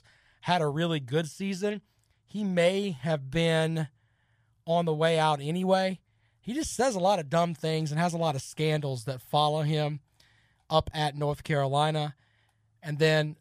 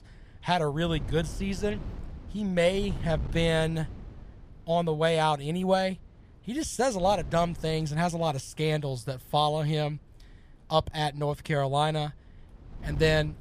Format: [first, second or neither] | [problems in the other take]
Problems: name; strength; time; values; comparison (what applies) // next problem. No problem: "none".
first | wind noise on the microphone; occasional gusts; 25 dB below the speech